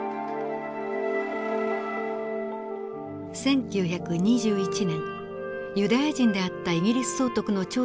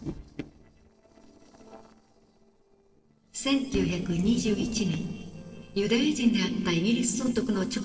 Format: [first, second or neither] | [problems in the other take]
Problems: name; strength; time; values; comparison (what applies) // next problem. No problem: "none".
first | noise reduction (neural separator model SepFormer DNS4)